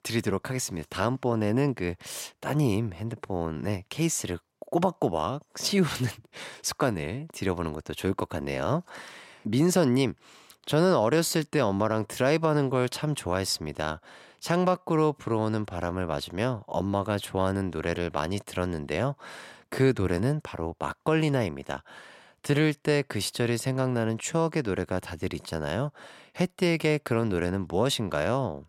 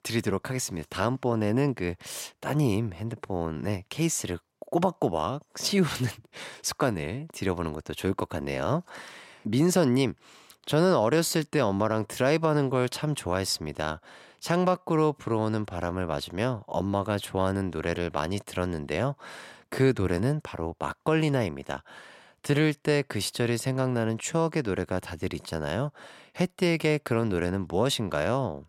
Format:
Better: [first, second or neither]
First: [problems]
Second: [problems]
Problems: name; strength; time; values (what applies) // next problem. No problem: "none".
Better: neither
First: none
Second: none